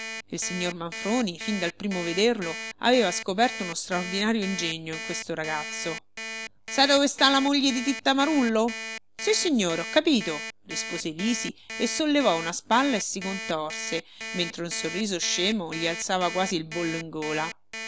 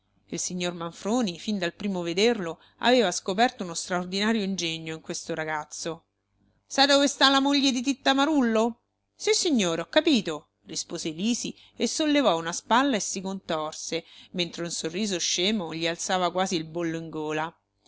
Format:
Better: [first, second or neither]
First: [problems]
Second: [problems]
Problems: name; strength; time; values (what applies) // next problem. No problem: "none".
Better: second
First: background sound (Alarm); 10 dB below the speech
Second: none